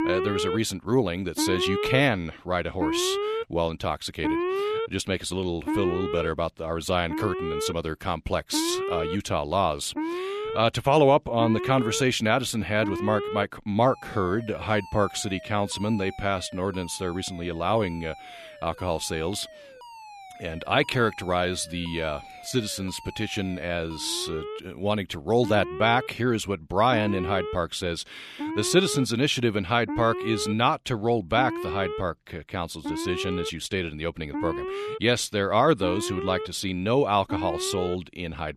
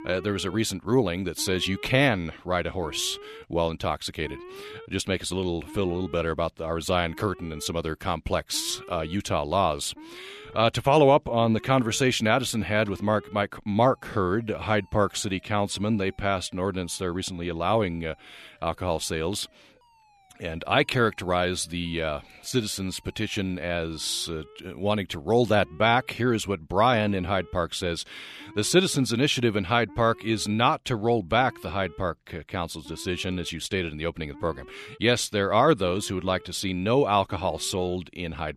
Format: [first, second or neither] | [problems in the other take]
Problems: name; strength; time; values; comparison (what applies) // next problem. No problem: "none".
second | alarms or sirens; loud; throughout; 6 dB below the speech; faint in the second